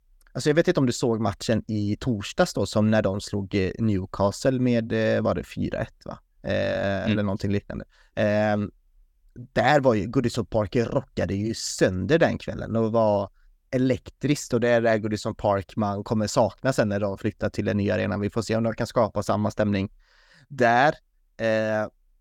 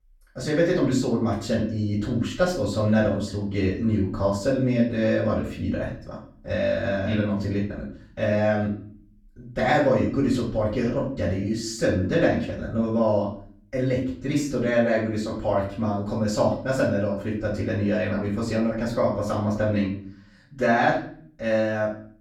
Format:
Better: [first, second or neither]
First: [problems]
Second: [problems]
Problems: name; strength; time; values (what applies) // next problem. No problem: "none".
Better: first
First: none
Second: off-mic speech; far // room echo; noticeable; dies away in 0.5 s